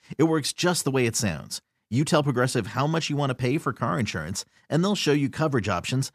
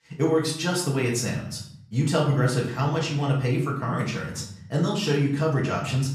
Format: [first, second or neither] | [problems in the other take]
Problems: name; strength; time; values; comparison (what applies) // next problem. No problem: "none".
first | off-mic speech; far // room echo; slight; dies away in 0.6 s